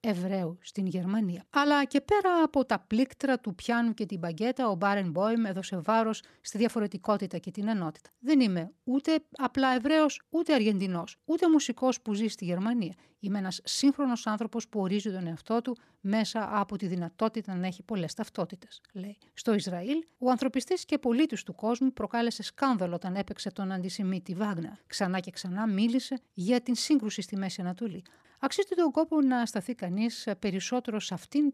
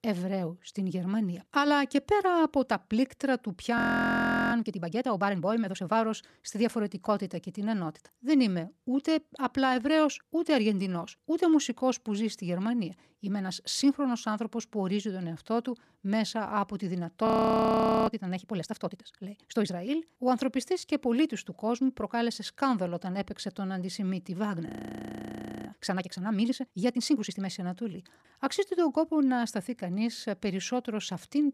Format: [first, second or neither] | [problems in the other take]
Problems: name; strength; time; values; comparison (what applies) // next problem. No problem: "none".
first | audio freezing; at 4 s for 0.5 s, at 17 s for 1 s and at 25 s for 1 s